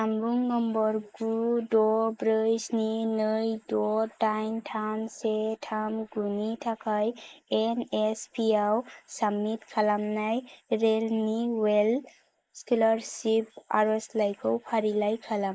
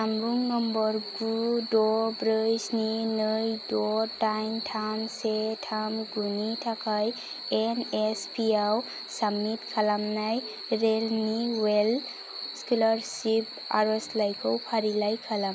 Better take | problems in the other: second | noise reduction (neural mask model Resemble Enhance denoiser)

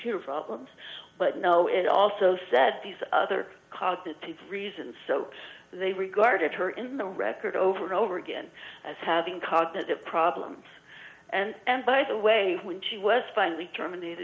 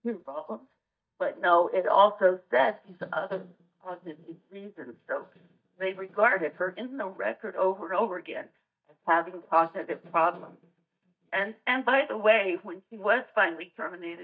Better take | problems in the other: first | noise reduction (neural mask model DeepFilterNet 3)

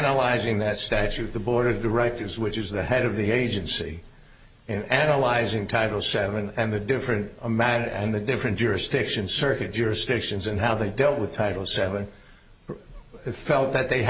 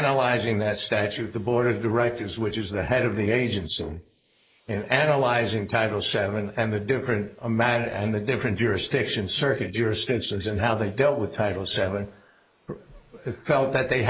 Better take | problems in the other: first | noise reduction (neural mask model Resemble Enhance denoiser)

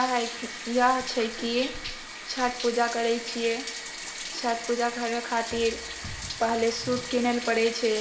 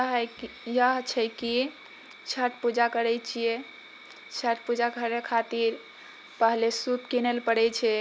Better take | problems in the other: second | background sound (Bathtub (filling or washing)); 9 dB below the speech // room echo; dies away in 0.7 s

